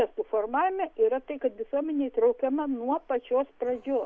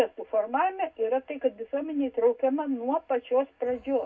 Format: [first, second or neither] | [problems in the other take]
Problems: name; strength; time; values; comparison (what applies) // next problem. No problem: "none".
first | room echo; dies away in 0.3 s